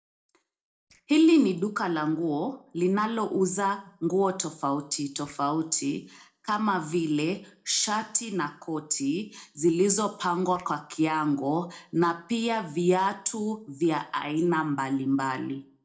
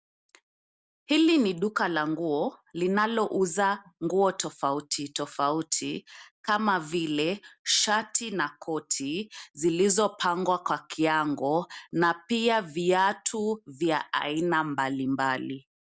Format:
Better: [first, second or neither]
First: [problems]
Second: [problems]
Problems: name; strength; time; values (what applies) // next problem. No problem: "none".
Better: second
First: noise reduction (neural separator model SepFormer DNS4)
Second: none